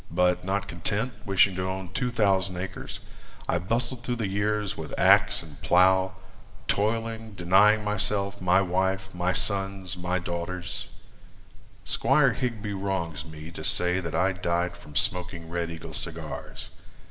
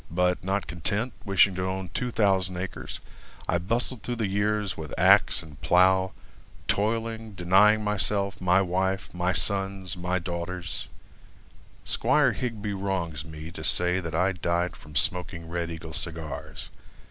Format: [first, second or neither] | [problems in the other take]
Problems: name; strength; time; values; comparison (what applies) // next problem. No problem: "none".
second | room echo; dies away in 1.2 s